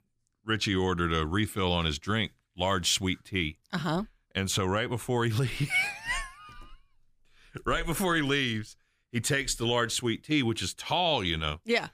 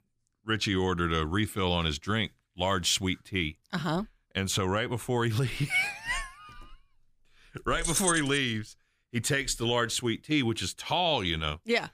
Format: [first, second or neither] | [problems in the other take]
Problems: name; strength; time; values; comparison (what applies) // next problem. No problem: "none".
first | jangling keys; loud; at 8 s; peak 1 dB above the speech